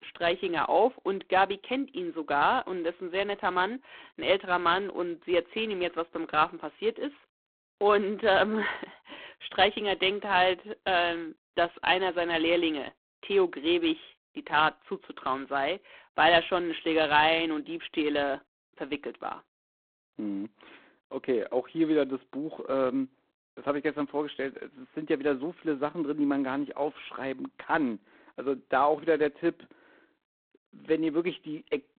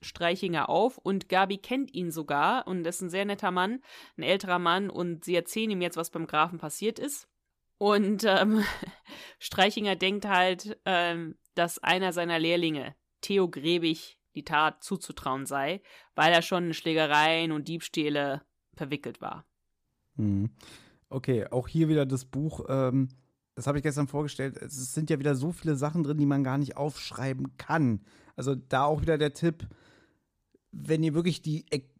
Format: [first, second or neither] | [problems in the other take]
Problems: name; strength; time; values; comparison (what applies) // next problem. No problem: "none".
second | phone-call audio; poor line